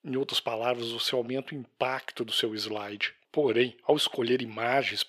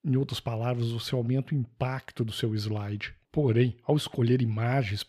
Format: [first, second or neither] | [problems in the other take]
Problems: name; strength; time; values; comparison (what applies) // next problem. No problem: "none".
second | thin; very; fading below 450 Hz